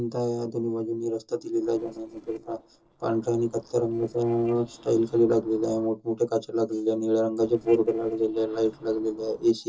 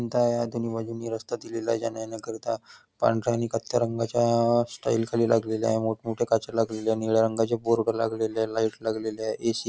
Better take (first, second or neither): second